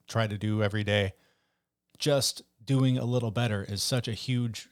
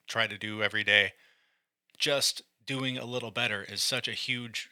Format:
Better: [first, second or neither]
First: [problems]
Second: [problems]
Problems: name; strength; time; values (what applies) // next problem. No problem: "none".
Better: first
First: none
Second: thin; somewhat; fading below 550 Hz